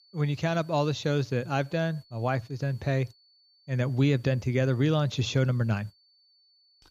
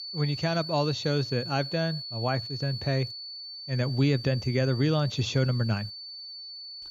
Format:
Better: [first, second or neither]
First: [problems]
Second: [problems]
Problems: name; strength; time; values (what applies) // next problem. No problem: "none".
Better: first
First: high-pitched whine; faint; throughout; 4.5 kHz, 30 dB below the speech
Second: high-pitched whine; loud; throughout; 4.5 kHz, 9 dB below the speech